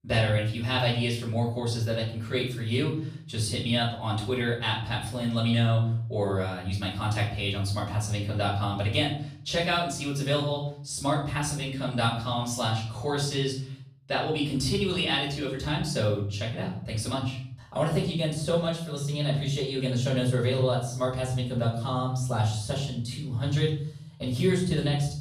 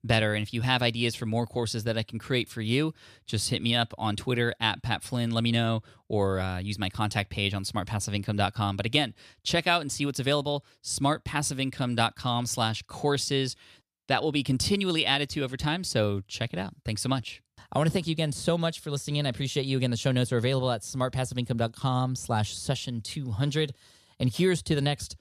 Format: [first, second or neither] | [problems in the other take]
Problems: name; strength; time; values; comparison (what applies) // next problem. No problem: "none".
second | off-mic speech; far // room echo; noticeable; dies away in 0.6 s